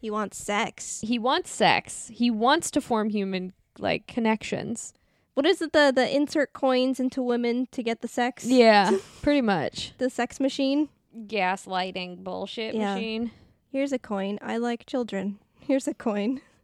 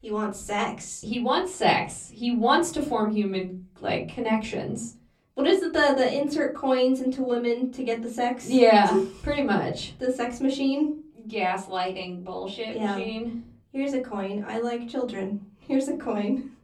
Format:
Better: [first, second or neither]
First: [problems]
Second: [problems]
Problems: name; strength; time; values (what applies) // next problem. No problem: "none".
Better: first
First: none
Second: off-mic speech; far // room echo; very slight; dies away in 0.3 s